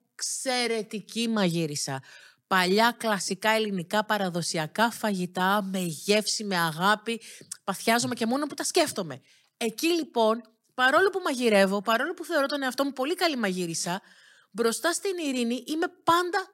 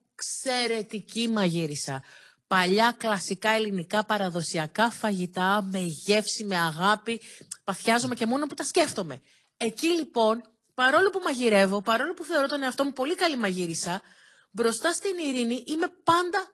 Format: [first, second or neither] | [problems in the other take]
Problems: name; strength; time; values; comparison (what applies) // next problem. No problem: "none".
first | garbled, watery; slightly; nothing above 11.5 kHz